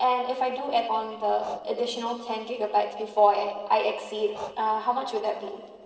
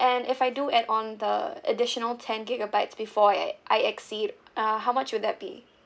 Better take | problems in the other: second | noise reduction (neural separator model SepFormer DNS4)

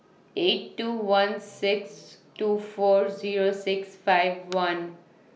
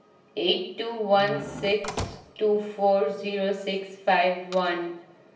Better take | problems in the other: first | background sound (Squeak / Slam / Wood); 11 dB below the speech // room echo; dies away in 0.7 s

